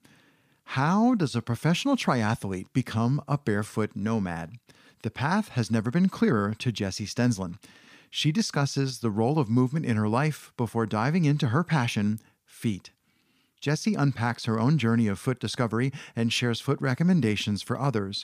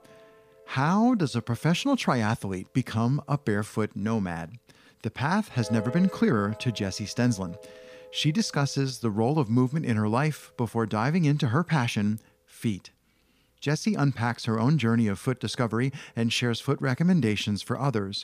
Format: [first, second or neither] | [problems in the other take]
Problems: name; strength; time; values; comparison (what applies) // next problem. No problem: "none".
first | background music; faint; throughout; 20 dB below the speech